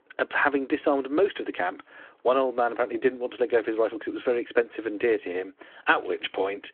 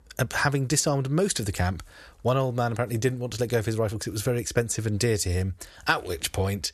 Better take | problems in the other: second | phone-call audio

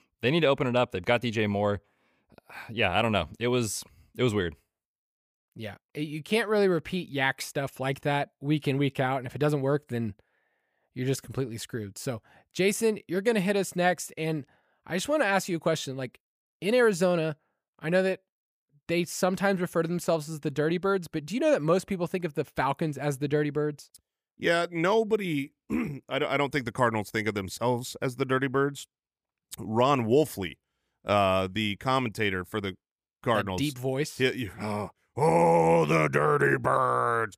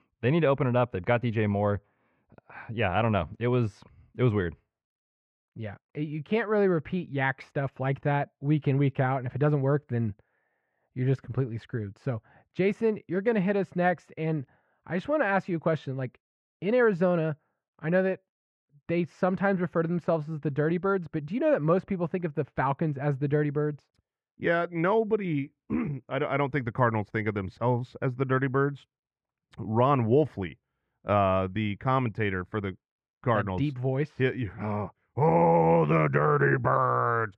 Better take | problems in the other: first | muffled; very; fading above 1.5 kHz

